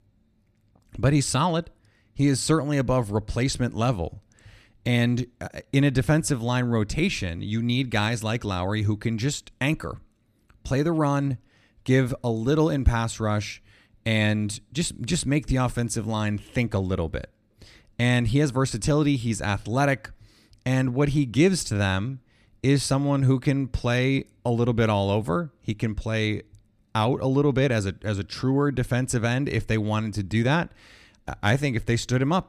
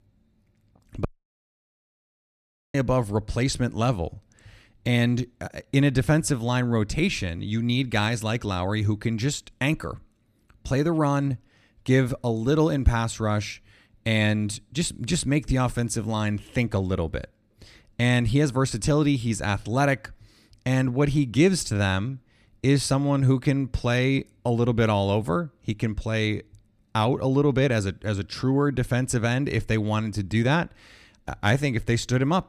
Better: first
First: none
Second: audio cutting out; at 1 s for 1.5 s

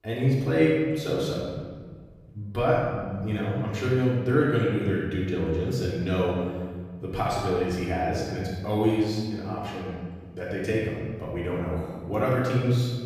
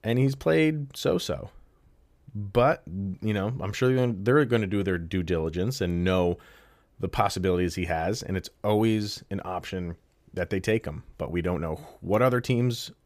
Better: second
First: off-mic speech; far // room echo; strong; dies away in 1.6 s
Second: none

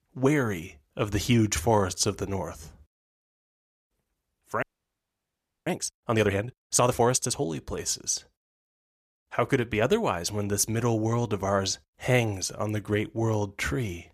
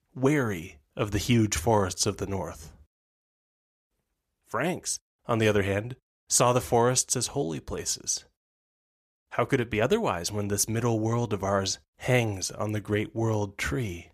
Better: second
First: audio freezing; at 4.5 s for 1 s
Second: none

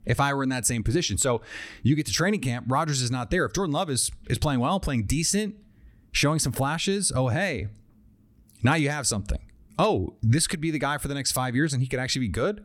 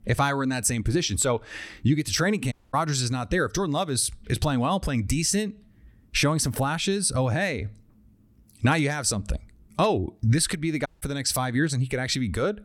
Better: first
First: none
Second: audio cutting out; at 2.5 s and at 11 s

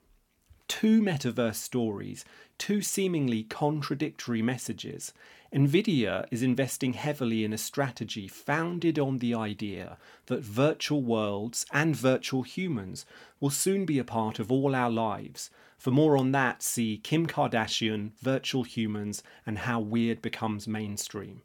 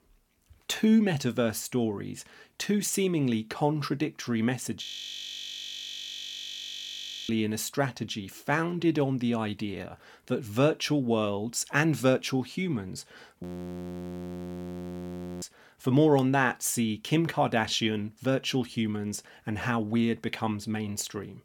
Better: first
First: none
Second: audio freezing; at 5 s for 2.5 s and at 13 s for 2 s

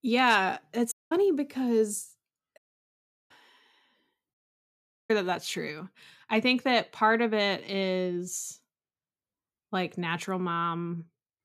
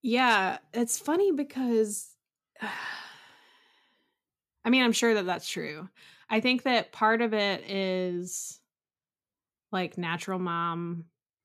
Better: second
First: audio cutting out; at 1 s, at 2.5 s for 0.5 s and at 4.5 s for 1 s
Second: none

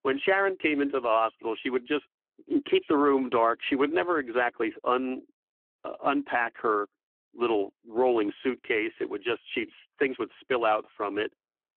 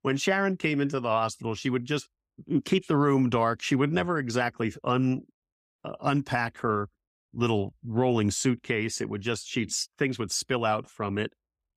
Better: second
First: phone-call audio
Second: none

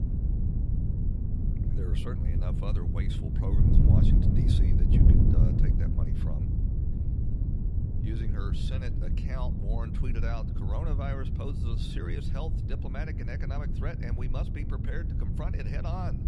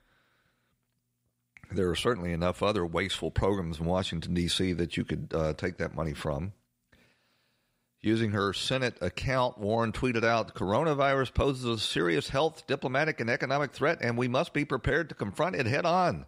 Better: second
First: wind noise on the microphone; heavy; 1 dB above the speech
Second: none

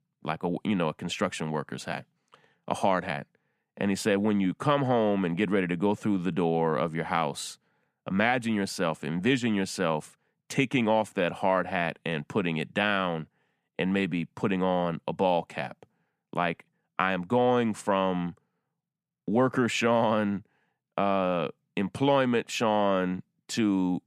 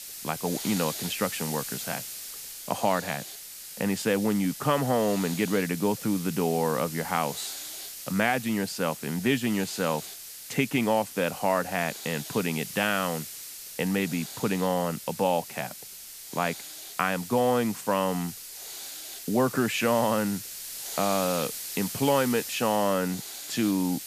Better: first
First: none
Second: hiss; loud; throughout; 9 dB below the speech

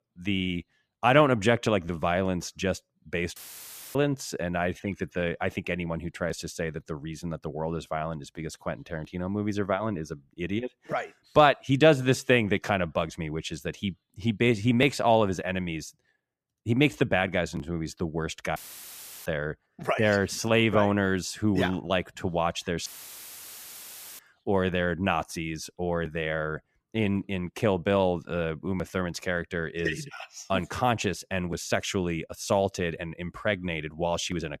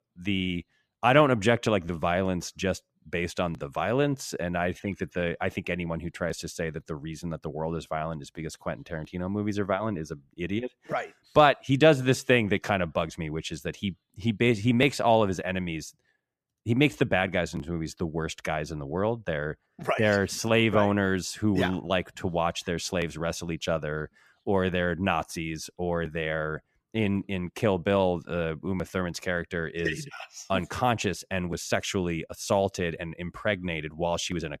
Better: second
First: audio cutting out; filled with static; at 3.5 s for 0.5 s, at 19 s for 0.5 s and at 23 s for 1.5 s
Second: none

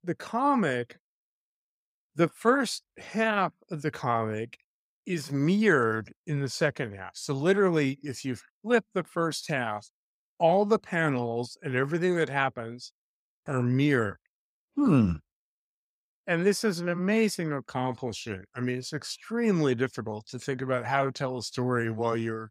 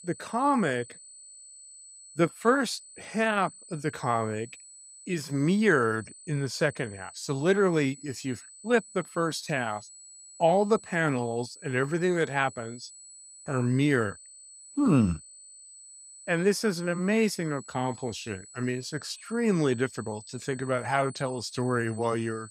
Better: first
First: none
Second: high-pitched whine; noticeable; throughout; 8 kHz, 20 dB below the speech

